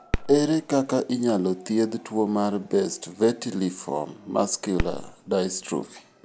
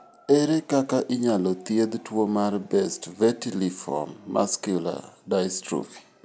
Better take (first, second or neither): second